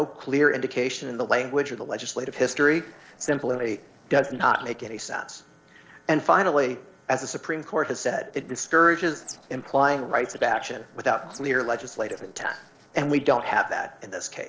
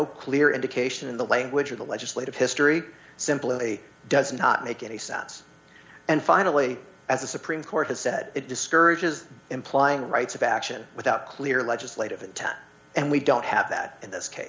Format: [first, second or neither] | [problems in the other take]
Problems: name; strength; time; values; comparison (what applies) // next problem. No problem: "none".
second | noise reduction (neural separator model SepFormer DNS4)